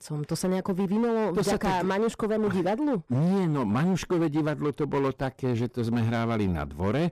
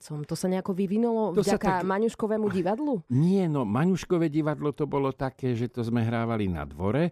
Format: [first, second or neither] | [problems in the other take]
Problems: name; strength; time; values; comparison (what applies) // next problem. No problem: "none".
second | distortion; slight; 17% of the sound clipped